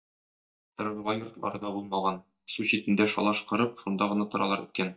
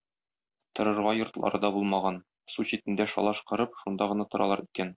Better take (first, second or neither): second